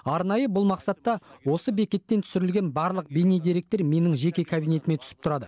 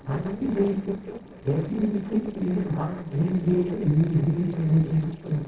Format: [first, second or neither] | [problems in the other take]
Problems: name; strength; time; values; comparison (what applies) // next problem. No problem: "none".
first | noise reduction (neural separator model SepFormer DNS4)